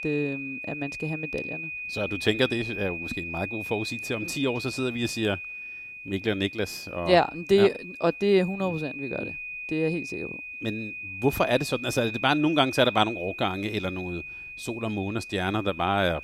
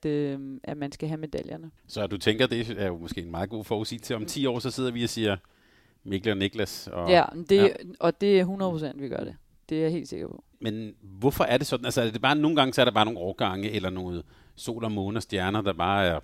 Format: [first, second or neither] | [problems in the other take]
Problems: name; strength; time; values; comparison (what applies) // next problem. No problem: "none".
second | high-pitched whine; loud; throughout; 2.5 kHz, 8 dB below the speech